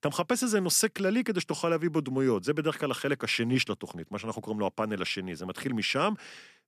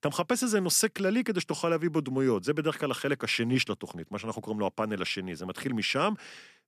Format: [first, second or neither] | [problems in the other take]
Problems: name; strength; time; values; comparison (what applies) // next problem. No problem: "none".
neither | none